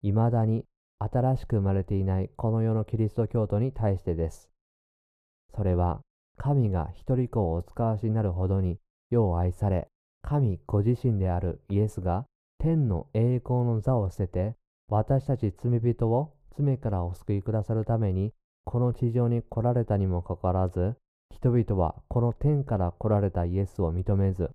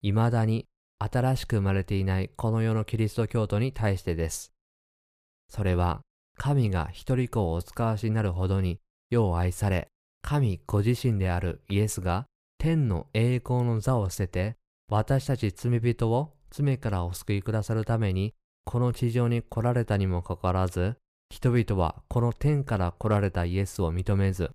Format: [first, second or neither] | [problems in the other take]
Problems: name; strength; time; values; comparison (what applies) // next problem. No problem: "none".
second | muffled; very; fading above 1.5 kHz